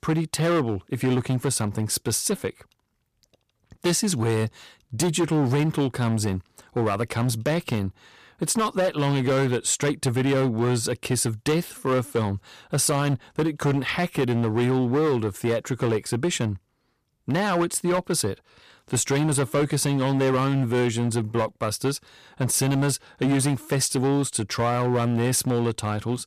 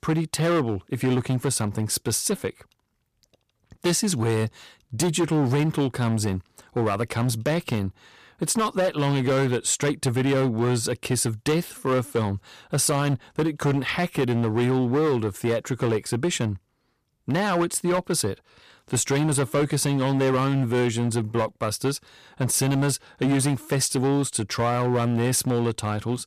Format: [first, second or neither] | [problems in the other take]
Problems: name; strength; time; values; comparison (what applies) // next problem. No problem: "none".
neither | distortion; slight; 13% of the sound clipped; the same in both